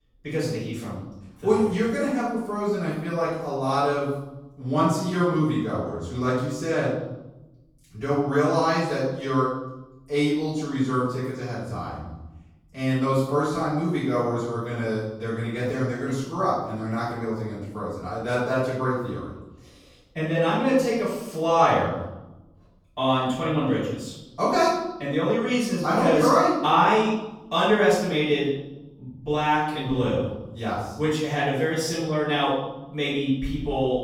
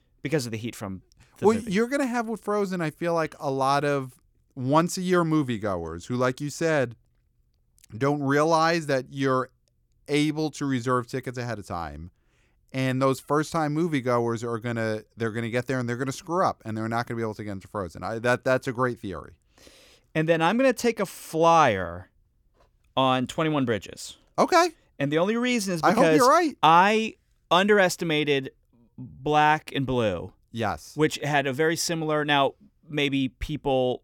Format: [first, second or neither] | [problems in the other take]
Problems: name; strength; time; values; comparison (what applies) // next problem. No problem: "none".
second | off-mic speech; far // room echo; noticeable; dies away in 0.9 s